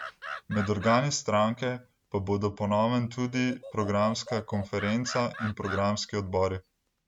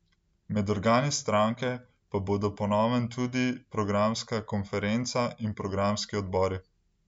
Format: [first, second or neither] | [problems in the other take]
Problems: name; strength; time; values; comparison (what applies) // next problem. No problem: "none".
second | noise reduction (neural mask model RNNoise)